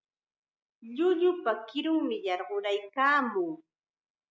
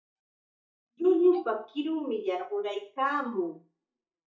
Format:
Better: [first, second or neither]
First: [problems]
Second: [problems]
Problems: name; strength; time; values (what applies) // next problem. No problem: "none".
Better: first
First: none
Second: noise reduction (neural mask model DeepFilterNet 3)